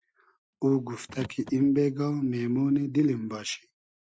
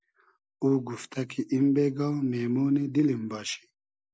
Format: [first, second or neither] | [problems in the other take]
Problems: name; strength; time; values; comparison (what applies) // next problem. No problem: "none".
second | noise reduction (neural mask model RNNoise)